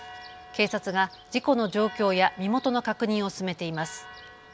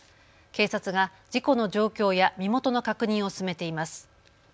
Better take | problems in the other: second | background sound (Church bell); 18 dB below the speech

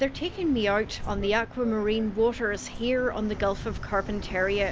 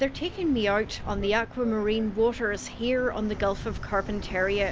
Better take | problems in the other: second | background sound (Whoosh, swoosh, swish); 16 dB below the speech

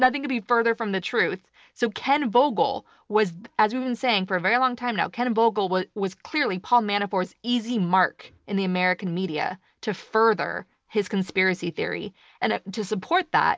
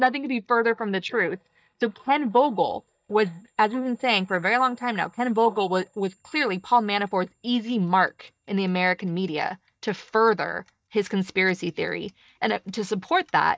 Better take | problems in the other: first | noise reduction (neural mask model DeepFilterNet 3)

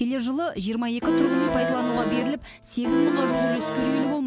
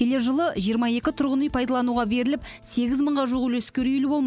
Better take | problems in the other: second | background sound (Accordion); 2 dB above the speech

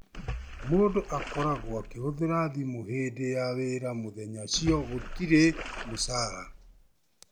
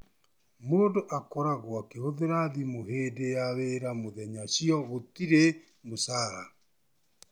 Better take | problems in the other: second | background sound (Splash, splatter); 10 dB below the speech

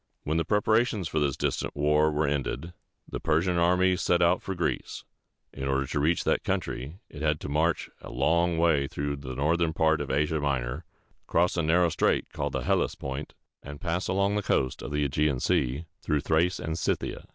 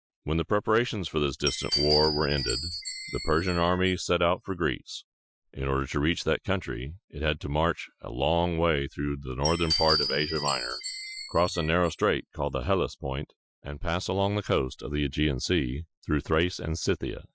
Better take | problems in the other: first | noise reduction (classical method Wiener filter)

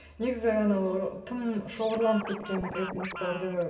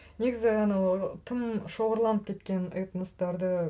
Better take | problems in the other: second | background sound (Scratching (performance technique)); 10 dB below the speech // room echo; dies away in 2 s

